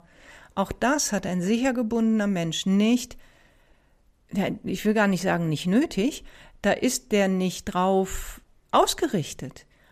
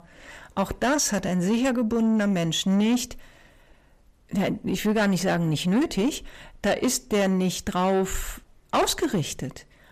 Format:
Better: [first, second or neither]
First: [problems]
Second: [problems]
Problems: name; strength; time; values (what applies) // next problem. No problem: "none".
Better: first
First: none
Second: distortion; slight; 10 dB below the speech